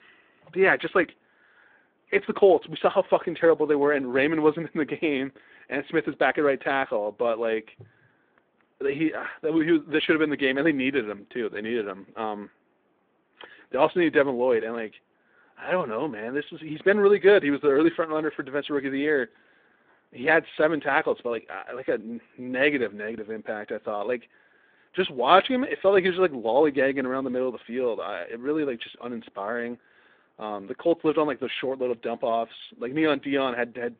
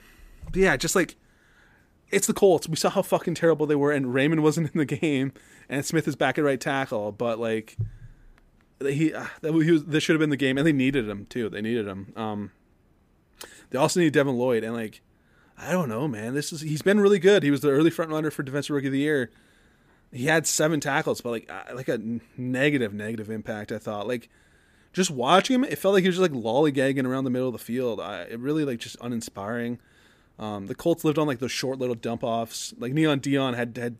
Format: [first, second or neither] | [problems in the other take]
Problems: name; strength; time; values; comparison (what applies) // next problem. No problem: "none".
second | phone-call audio